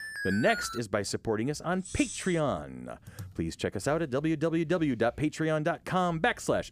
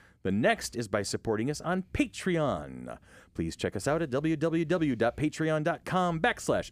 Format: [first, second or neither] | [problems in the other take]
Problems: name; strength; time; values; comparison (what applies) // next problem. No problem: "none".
second | alarm; noticeable; at the start; peak 5 dB below the speech // jangling keys; noticeable; at 2 s; peak 8 dB below the speech // keyboard typing; faint; at 3 s; peak 15 dB below the speech